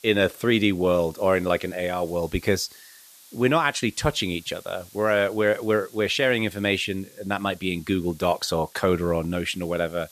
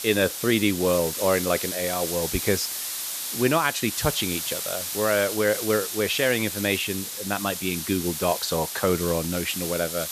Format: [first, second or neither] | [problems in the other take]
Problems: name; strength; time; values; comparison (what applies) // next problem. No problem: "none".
first | hiss; loud; throughout; 4 dB below the speech; faint in the first